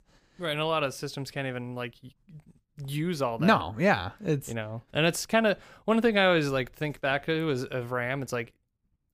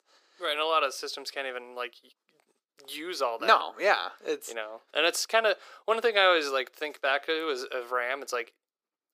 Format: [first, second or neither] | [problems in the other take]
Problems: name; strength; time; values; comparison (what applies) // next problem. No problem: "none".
first | thin; very; fading below 350 Hz